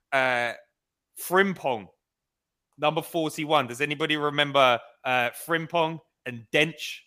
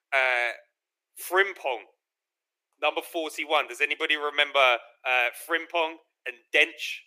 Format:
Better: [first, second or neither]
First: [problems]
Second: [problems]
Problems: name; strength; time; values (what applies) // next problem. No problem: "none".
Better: first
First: none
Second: thin; very; fading below 350 Hz